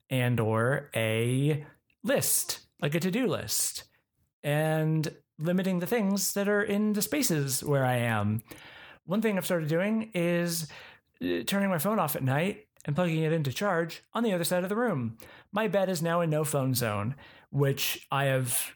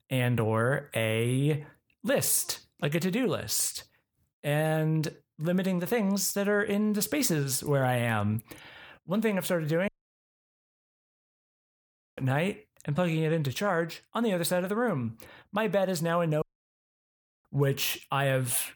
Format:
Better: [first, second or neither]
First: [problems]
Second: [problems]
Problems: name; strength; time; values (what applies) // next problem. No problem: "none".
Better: first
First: none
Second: audio cutting out; at 10 s for 2.5 s and at 16 s for 1 s